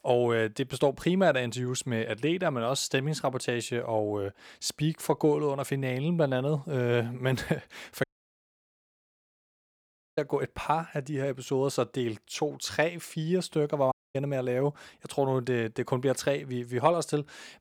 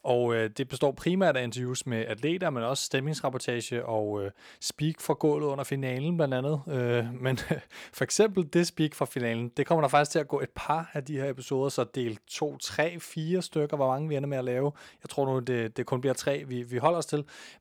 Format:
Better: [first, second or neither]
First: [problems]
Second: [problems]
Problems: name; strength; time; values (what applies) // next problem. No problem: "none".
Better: second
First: audio cutting out; at 8 s for 2 s and at 14 s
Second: none